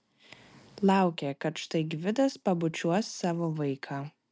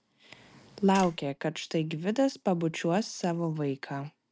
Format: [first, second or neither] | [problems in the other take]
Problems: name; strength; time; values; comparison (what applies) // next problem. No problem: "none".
first | background sound (Tap); 14 dB below the speech